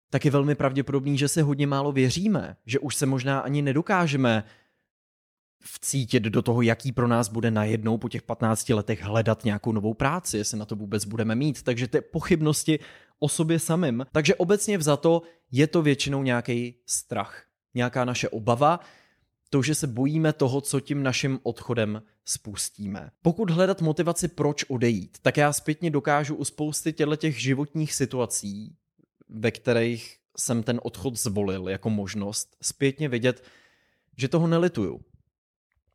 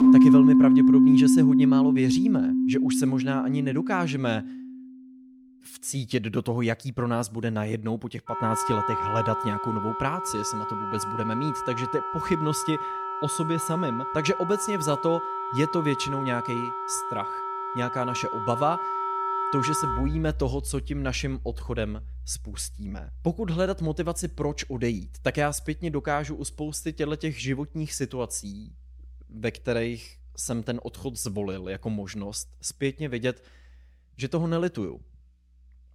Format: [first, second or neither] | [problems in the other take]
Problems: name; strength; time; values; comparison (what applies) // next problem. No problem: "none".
first | background music; very loud; throughout; 5 dB above the speech